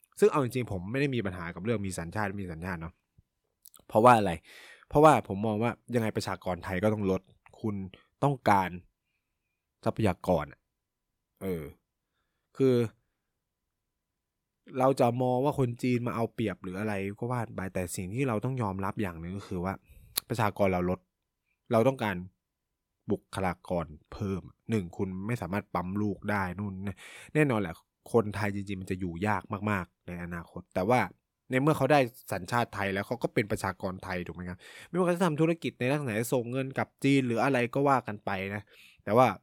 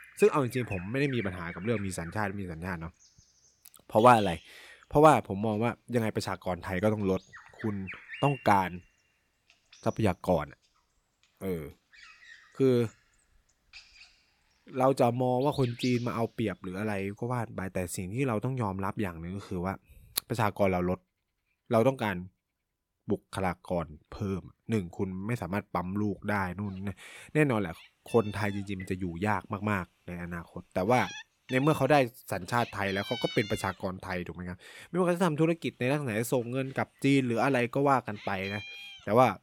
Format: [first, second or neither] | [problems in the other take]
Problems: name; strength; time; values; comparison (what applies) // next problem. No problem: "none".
first | animal sounds; noticeable; throughout; 15 dB below the speech